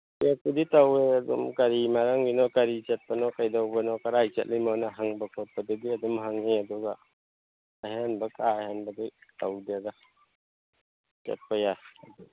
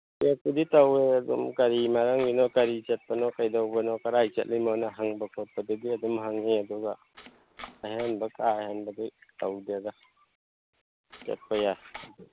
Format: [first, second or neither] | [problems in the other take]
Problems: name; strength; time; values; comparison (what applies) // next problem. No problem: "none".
first | background sound (Domestic sounds, home sounds); 19 dB below the speech